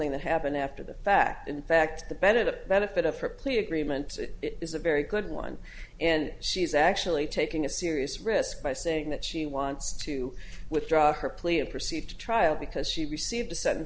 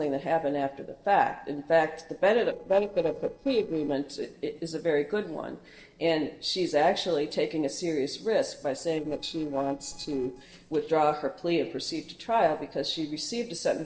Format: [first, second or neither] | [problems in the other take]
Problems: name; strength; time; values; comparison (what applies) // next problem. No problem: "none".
first | noise reduction (neural separator model SepFormer DNS4)